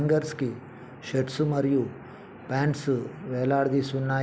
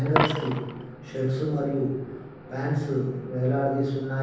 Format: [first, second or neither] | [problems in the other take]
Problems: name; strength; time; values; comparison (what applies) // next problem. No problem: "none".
first | background sound (Coin (dropping)); 7 dB below the speech // room echo; dies away in 1.1 s